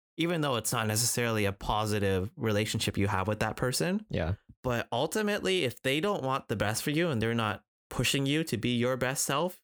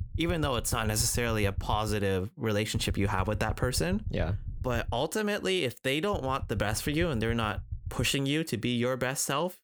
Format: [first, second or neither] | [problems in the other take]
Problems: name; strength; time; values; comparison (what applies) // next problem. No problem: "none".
first | low rumble; faint; until 2 s, from 2.5 to 5 s and from 6 to 8 s; 25 dB below the speech